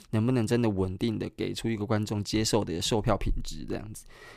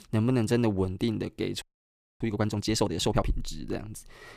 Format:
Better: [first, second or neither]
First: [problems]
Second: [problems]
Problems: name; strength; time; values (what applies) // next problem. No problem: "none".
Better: first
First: none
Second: audio freezing; at 1.5 s for 0.5 s